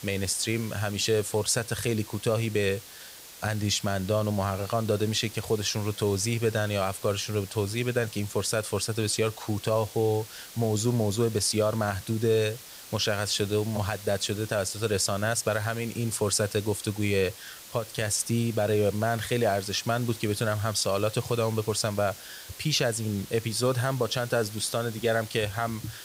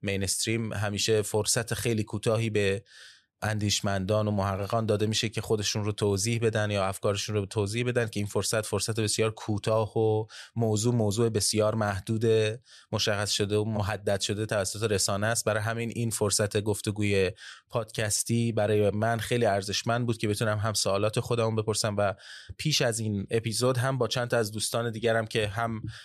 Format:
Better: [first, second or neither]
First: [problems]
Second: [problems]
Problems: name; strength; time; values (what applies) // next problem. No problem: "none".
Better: second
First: hiss; noticeable; throughout; 15 dB below the speech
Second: none